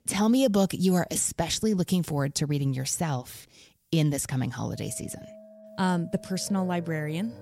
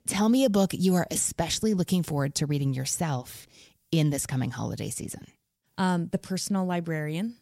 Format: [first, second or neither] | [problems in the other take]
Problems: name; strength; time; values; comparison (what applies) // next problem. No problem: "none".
second | background music; faint; from 4.5 s on; 20 dB below the speech